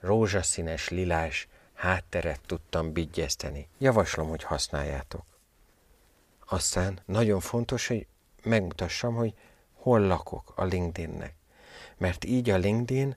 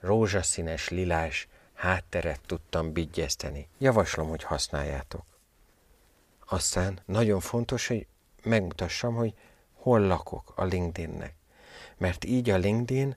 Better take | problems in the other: neither | none

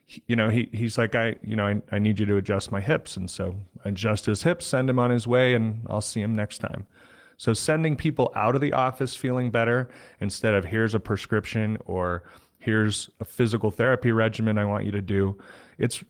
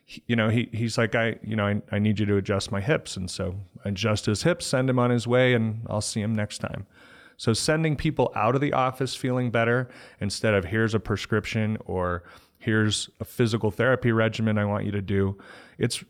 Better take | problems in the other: second | garbled, watery; slightly

